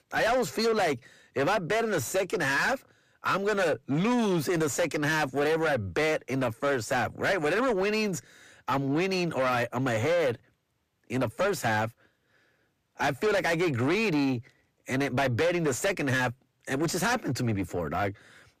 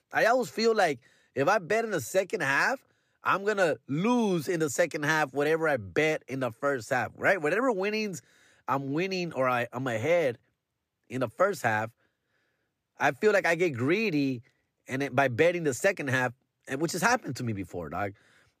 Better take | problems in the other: second | distortion; heavy; 7 dB below the speech

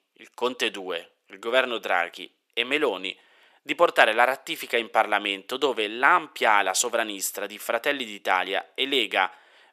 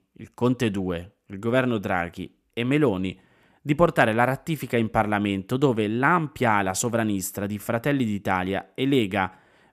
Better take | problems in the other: second | thin; very; fading below 450 Hz

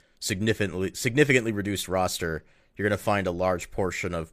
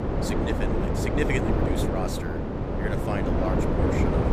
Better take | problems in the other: first | wind noise on the microphone; heavy; 4 dB above the speech

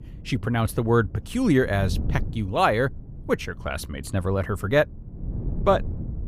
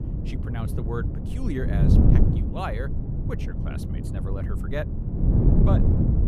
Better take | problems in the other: first | wind noise on the microphone; heavy; 1 dB above the speech; occasional gusts in the first

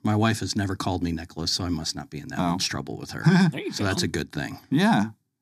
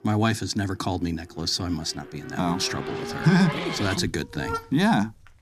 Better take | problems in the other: first | traffic noise; loud; throughout; 8 dB below the speech

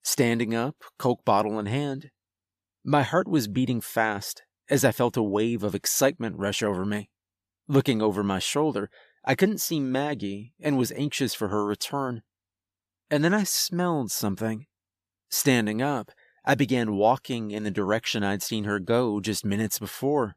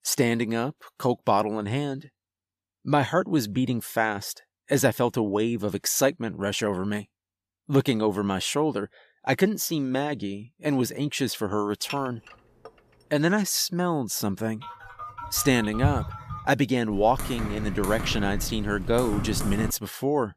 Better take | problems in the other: first | clattering dishes; faint; at 12 s; peak 10 dB below the speech // phone ringing; noticeable; from 15 to 16 s; peak 1 dB below the speech // keyboard typing; noticeable; from 17 to 20 s; peak 5 dB below the speech

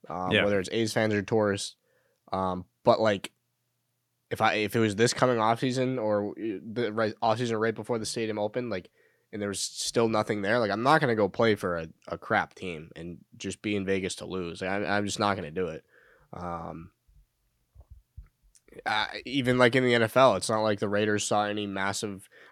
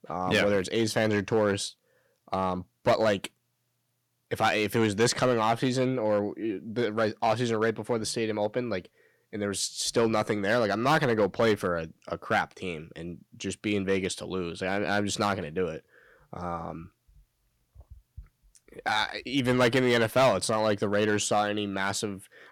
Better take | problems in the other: first | distortion; slight; 2% of the sound clipped

